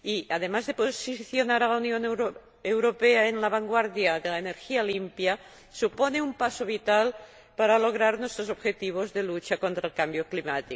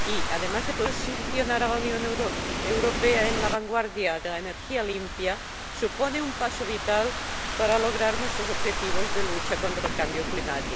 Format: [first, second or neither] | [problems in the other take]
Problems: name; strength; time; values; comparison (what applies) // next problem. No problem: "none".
first | background sound (Rain / Thunderstorm); 1 dB below the speech